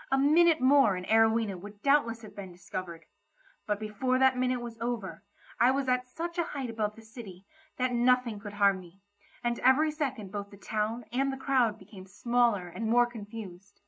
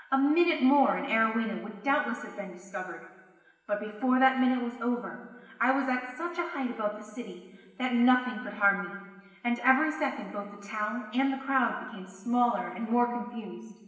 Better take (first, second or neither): first